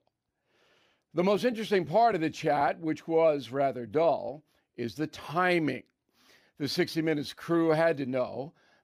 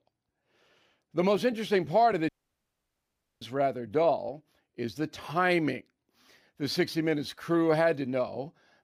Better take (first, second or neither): first